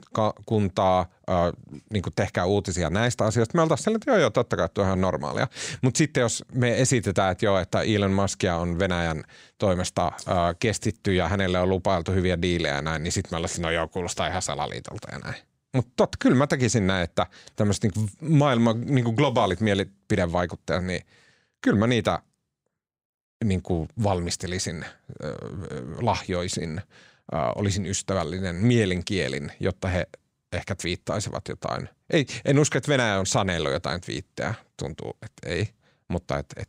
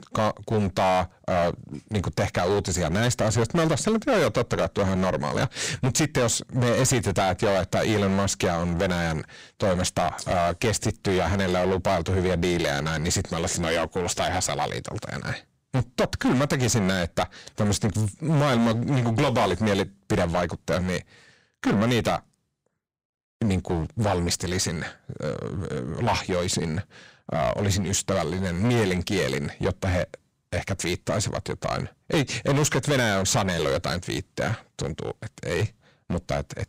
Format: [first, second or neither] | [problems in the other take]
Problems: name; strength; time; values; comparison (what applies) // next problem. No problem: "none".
first | distortion; heavy; 12% of the sound clipped